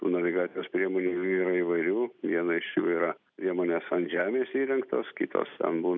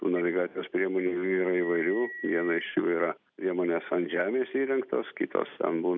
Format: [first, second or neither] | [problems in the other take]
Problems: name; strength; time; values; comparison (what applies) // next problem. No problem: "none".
first | background sound (Telephone); 15 dB below the speech